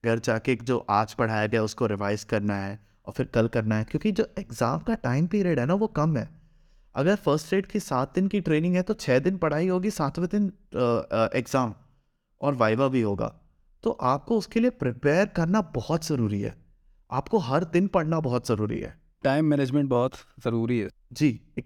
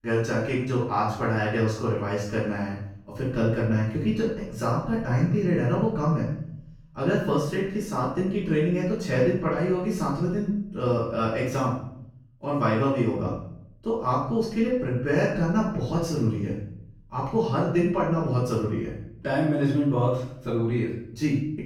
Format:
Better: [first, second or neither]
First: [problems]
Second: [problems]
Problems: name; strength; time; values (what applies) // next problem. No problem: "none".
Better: first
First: none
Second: off-mic speech; far // room echo; noticeable; dies away in 0.7 s